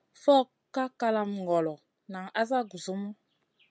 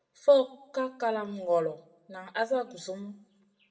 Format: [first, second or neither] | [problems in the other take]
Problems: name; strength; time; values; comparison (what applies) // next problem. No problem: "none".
first | room echo; dies away in 0.5 s